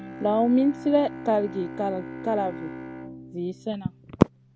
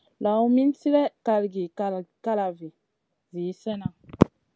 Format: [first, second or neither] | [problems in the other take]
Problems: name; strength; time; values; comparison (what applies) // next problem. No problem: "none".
second | background sound (Bowed string instrument); 13 dB below the speech